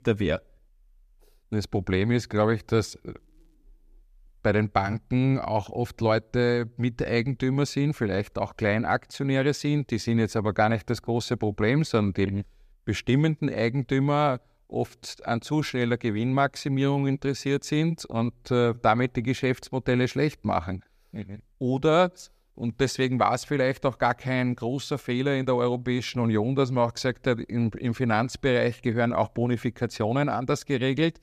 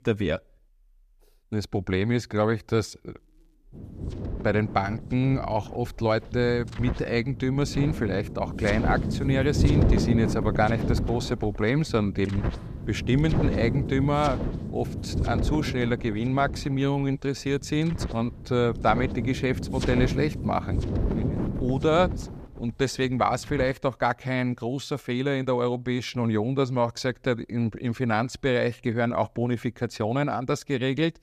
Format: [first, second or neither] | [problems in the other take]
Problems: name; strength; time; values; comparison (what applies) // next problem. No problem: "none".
first | wind noise on the microphone; heavy; from 3.5 to 24 s; 9 dB below the speech